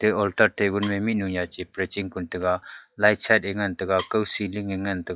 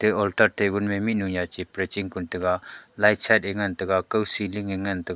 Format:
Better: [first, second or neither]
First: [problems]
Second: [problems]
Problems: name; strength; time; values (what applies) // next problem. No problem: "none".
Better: second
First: noise reduction (classical method log-MMSE)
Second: none